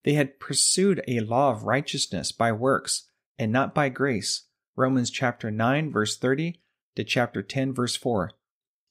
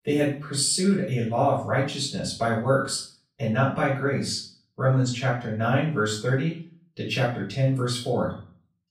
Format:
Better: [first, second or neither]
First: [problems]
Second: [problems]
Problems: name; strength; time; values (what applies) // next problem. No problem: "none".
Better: first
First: none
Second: off-mic speech; far // room echo; noticeable; dies away in 0.4 s